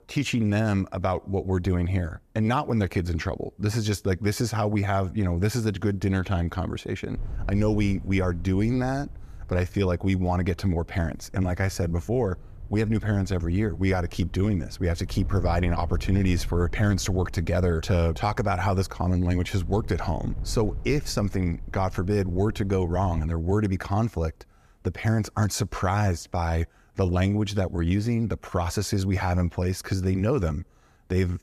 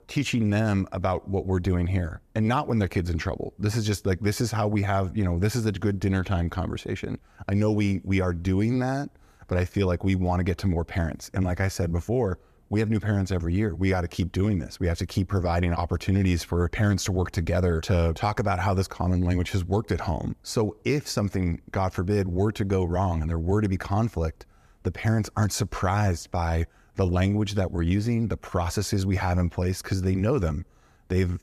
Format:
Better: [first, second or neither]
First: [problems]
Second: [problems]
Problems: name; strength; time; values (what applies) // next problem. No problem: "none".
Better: second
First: wind noise on the microphone; occasional gusts; from 7 to 23 s; 25 dB below the speech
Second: none